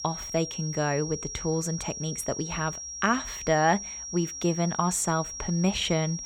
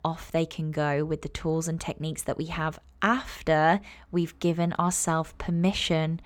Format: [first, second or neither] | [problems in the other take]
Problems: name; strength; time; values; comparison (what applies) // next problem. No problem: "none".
second | high-pitched whine; loud; throughout; 5.5 kHz, 7 dB below the speech